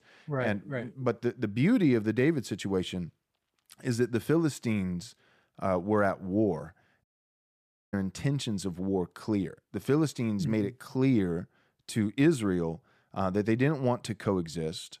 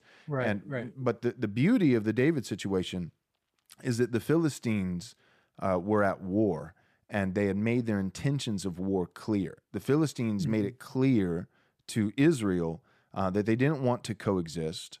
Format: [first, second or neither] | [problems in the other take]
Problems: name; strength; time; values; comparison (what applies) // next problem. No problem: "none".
second | audio cutting out; at 7 s for 1 s